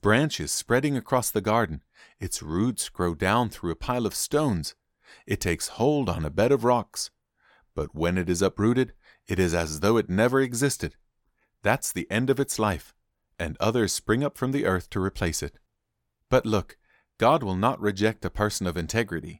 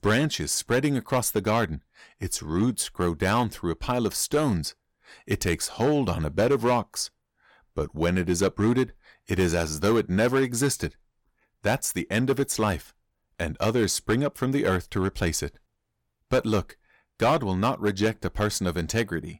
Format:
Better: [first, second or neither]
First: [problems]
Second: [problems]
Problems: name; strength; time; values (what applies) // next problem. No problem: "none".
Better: first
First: none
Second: distortion; slight; 4% of the sound clipped